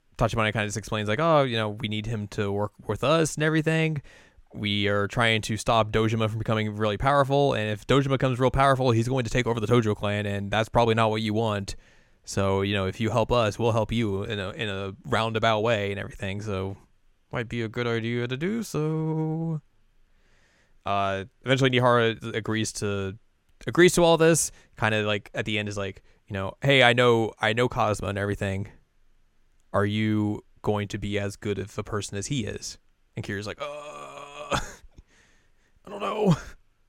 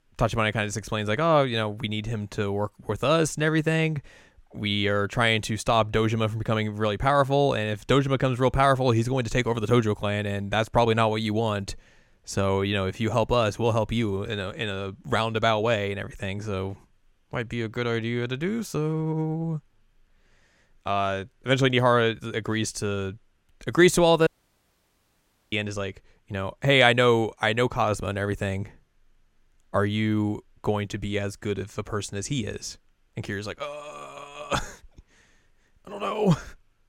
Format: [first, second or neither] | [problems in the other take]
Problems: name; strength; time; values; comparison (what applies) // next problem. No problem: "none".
first | audio cutting out; at 24 s for 1.5 s